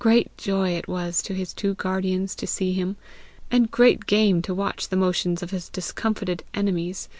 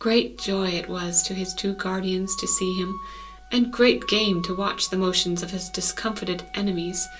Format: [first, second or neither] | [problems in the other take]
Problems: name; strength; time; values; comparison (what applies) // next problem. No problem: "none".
first | background sound (Wind instrument, woodwind instrument); 18 dB below the speech // room echo; dies away in 0.2 s